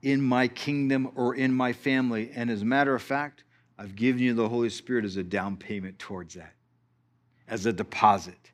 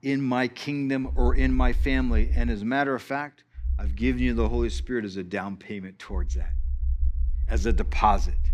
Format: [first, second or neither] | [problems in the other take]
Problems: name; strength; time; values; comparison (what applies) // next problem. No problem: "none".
first | low rumble; faint; from 1 to 2.5 s, from 3.5 to 5 s and from 6 s on; 25 dB below the speech